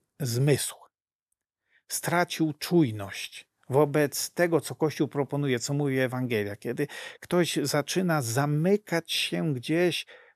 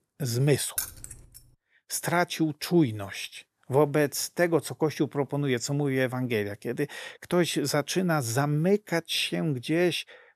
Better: first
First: none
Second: jangling keys; noticeable; at 1 s; peak 5 dB below the speech

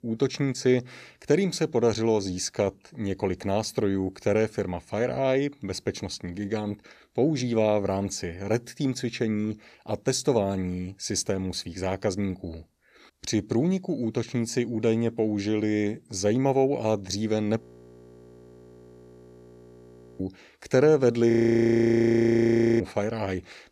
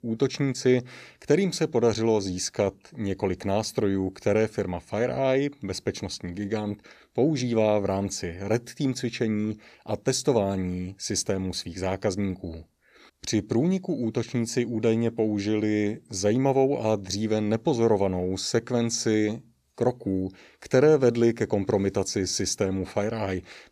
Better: second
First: audio freezing; at 18 s for 2.5 s and at 21 s for 1.5 s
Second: none

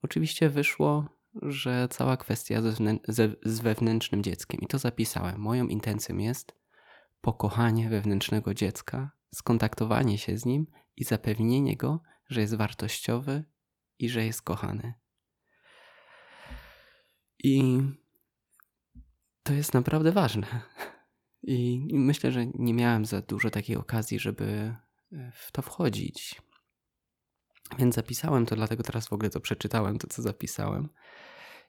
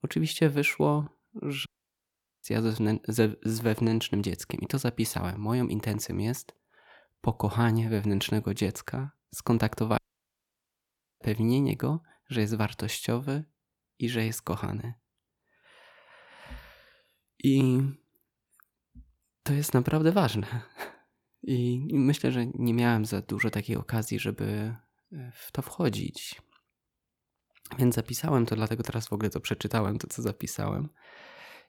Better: first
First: none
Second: audio cutting out; at 1.5 s for 1 s and at 10 s for 1 s

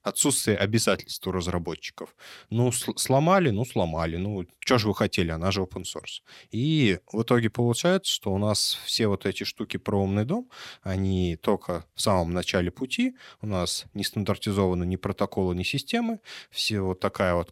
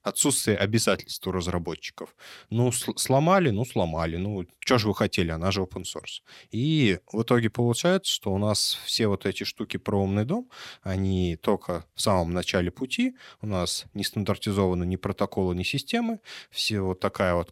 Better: neither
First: none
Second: none

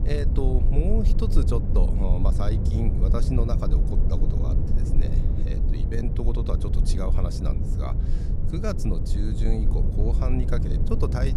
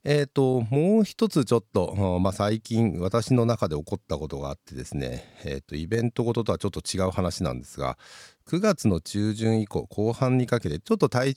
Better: second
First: low rumble; loud; throughout; 4 dB below the speech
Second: none

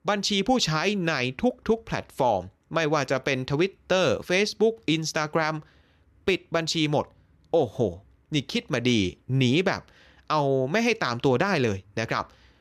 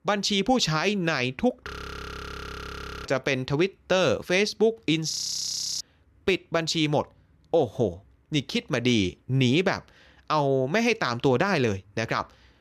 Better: first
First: none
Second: audio freezing; at 1.5 s for 1.5 s and at 5 s for 0.5 s

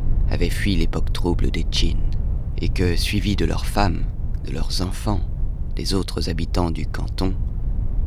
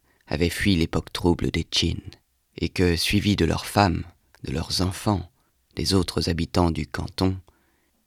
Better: second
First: low rumble; noticeable; throughout; 15 dB below the speech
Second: none

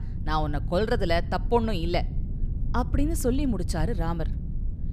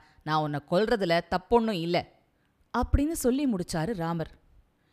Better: second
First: low rumble; noticeable; throughout; 20 dB below the speech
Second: none

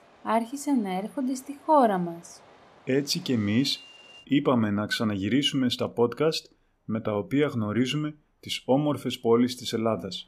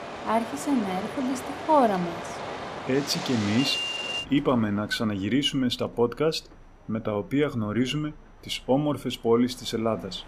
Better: first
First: train or aircraft noise; faint; throughout; 25 dB below the speech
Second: train or aircraft noise; loud; throughout; 7 dB below the speech

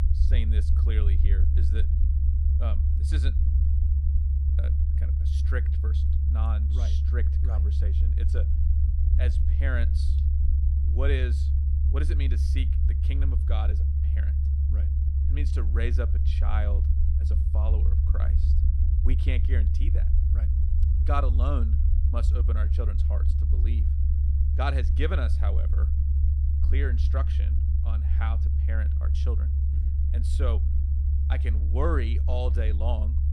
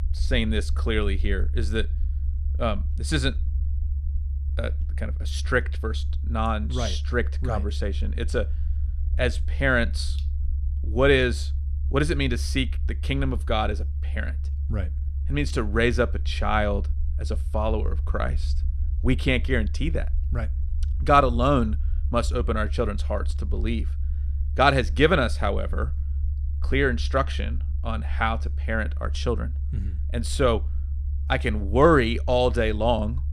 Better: second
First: low rumble; loud; throughout; 4 dB below the speech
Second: low rumble; faint; throughout; 20 dB below the speech

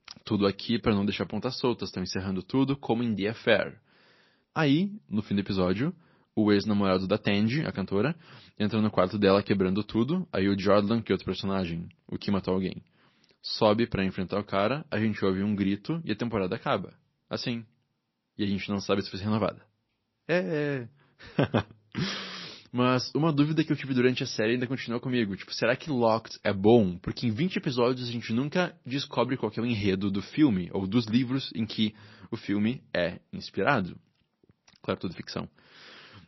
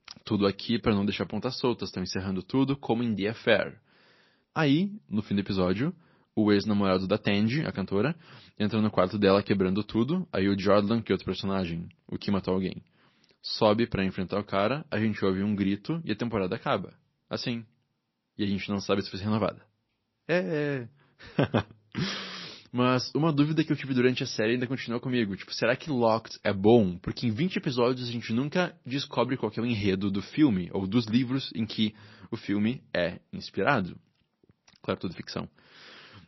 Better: neither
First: garbled, watery; slightly; nothing above 5.5 kHz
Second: garbled, watery; slightly; nothing above 5.5 kHz

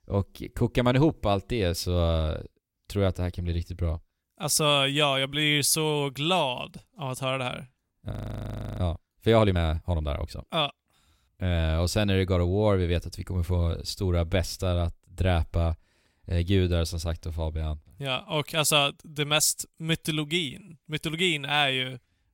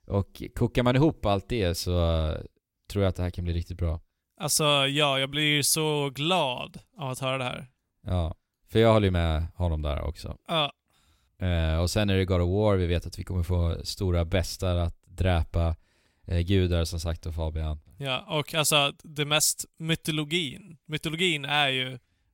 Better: second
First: audio freezing; at 8 s for 0.5 s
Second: none

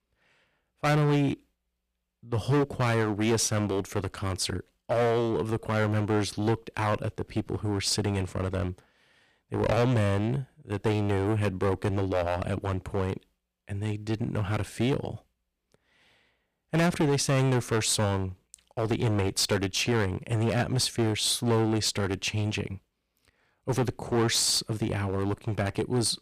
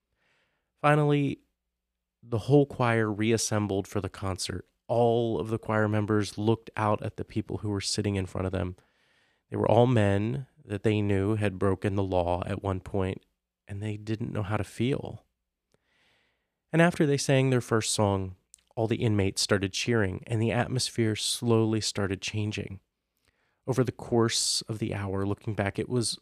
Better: second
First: distortion; heavy; 9% of the sound clipped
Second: none

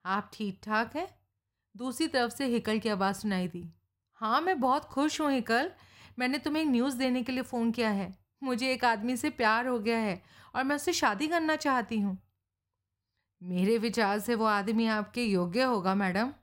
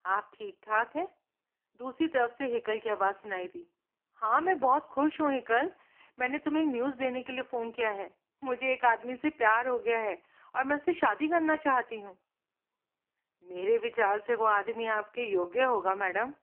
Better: first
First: none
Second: phone-call audio; poor line; nothing above 3 kHz

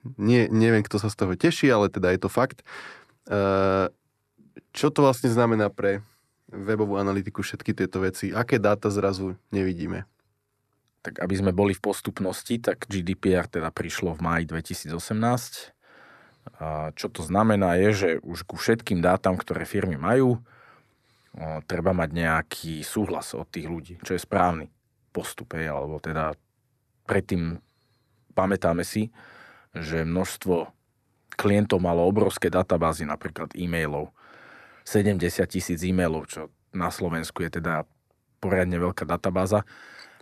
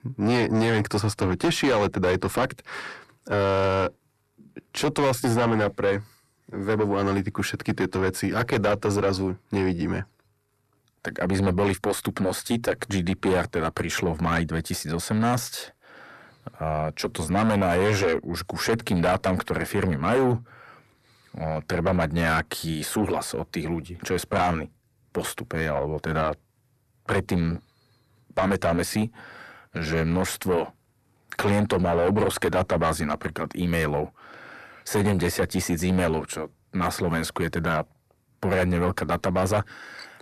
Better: first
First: none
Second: distortion; heavy; 6 dB below the speech

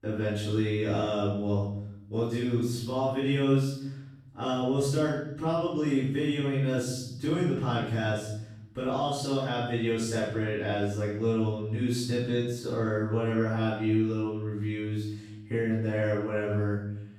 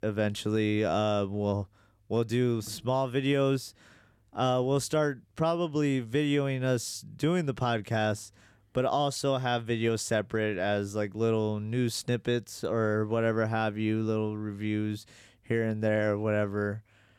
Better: second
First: off-mic speech; far // room echo; strong; dies away in 0.8 s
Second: none

